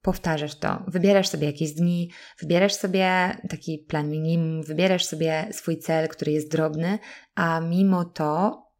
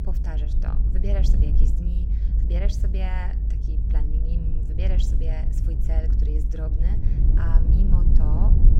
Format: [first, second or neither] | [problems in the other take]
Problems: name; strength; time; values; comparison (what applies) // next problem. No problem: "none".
first | low rumble; loud; throughout; 1 dB below the speech